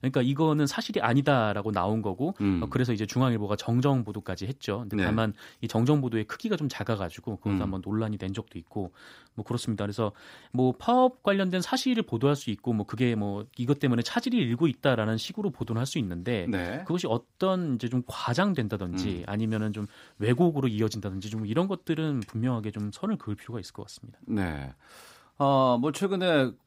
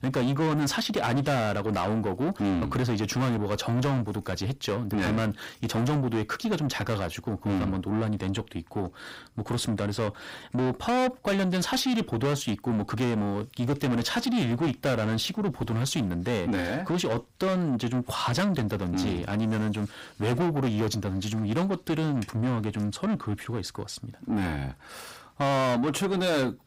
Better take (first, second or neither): first